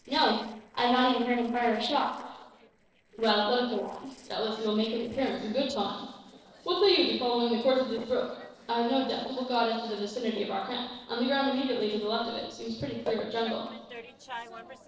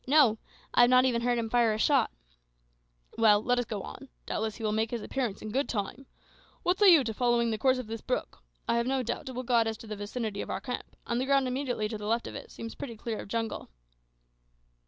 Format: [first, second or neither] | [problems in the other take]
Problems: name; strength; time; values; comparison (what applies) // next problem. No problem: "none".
second | noise reduction (neural separator model SepFormer DNS4)